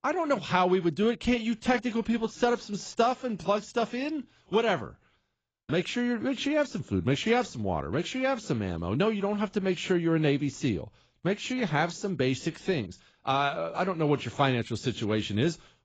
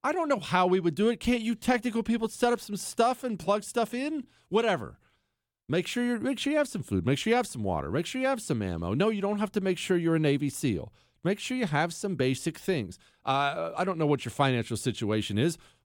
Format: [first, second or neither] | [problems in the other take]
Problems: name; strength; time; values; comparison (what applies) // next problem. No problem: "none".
second | garbled, watery; badly; nothing above 7.5 kHz